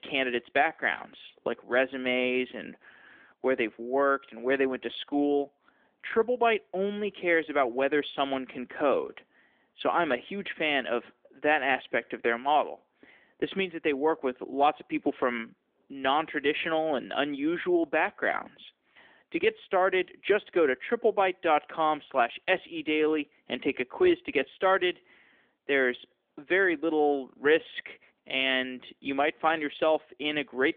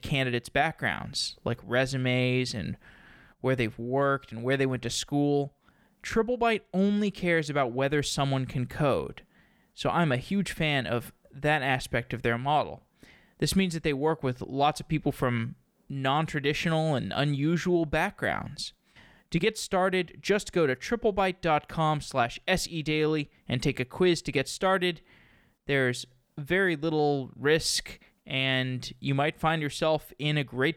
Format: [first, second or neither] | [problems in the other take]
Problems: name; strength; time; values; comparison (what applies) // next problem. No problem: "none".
second | phone-call audio; nothing above 3.5 kHz